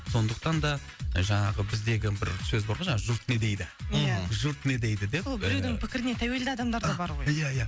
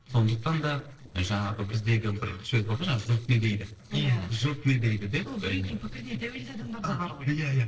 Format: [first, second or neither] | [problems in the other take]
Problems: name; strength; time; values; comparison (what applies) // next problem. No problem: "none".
first | noise reduction (neural separator model SepFormer DNS4)